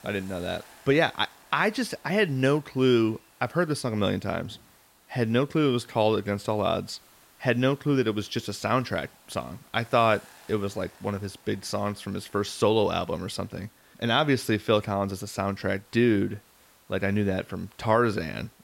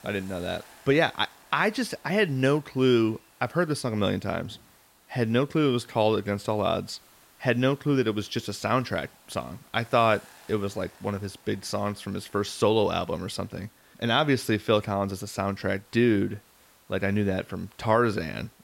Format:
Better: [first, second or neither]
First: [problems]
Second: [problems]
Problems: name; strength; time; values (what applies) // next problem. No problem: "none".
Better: neither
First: hiss; faint; throughout; 25 dB below the speech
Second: hiss; faint; throughout; 25 dB below the speech